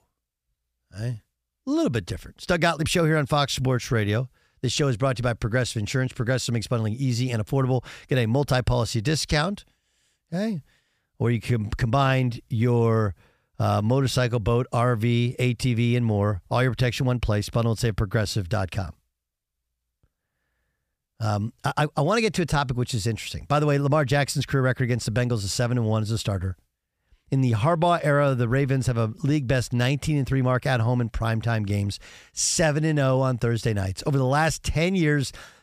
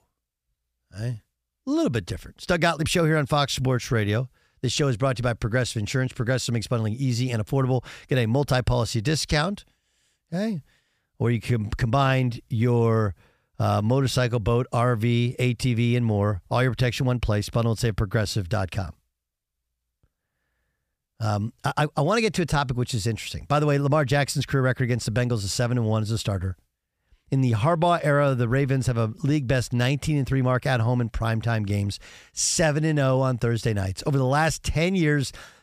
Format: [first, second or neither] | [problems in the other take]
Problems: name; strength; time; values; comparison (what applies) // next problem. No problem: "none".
neither | none